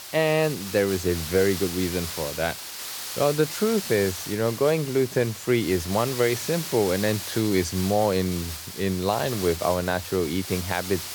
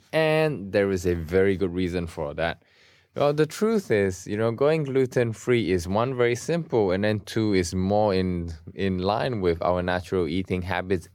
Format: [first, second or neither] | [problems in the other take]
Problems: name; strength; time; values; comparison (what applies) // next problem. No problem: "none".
second | hiss; loud; throughout; 8 dB below the speech